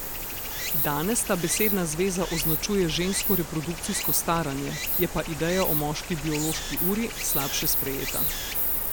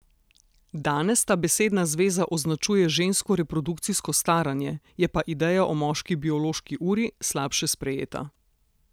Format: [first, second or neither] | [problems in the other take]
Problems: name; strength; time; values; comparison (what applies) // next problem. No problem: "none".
second | background sound (Stream); 1 dB below the speech